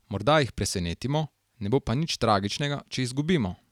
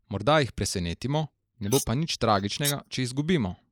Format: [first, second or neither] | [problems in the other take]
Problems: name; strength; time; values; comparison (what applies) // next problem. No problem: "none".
first | noise reduction (neural mask model Resemble Enhance denoiser)